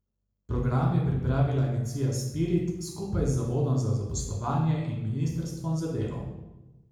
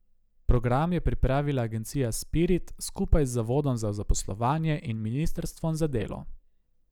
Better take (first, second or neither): second